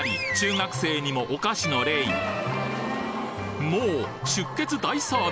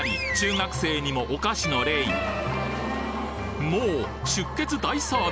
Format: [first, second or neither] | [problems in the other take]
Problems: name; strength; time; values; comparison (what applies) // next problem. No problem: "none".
first | background sound (Musical instrument); 12 dB below the speech